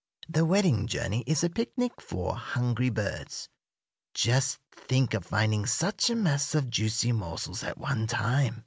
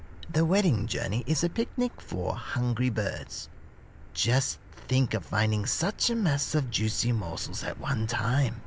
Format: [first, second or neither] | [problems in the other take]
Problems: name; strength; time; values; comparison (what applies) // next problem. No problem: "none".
first | background sound (Motor vehicle (road)); 14 dB below the speech